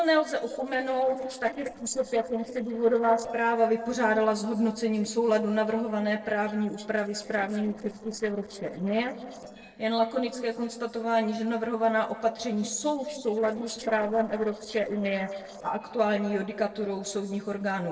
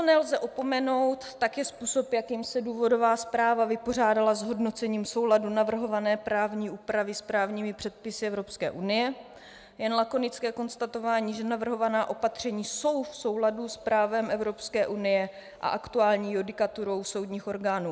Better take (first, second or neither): second